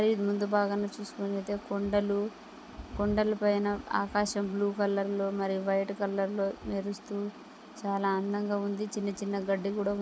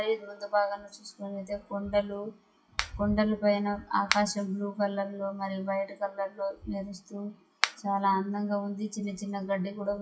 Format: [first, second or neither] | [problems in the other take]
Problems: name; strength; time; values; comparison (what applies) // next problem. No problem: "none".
first | noise reduction (classical method WPE with log-MMSE)